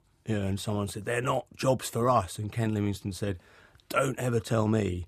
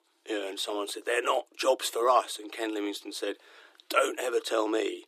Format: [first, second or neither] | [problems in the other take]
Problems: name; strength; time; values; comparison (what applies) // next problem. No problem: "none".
first | thin; very; fading below 300 Hz